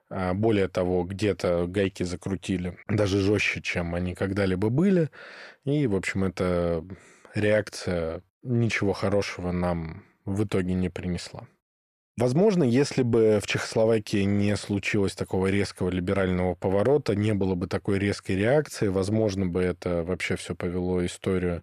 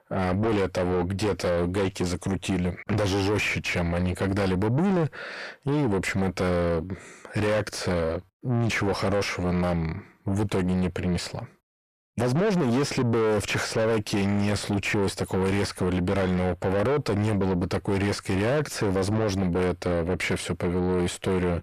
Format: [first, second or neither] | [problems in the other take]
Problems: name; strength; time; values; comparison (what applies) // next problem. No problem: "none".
first | distortion; heavy; 7 dB below the speech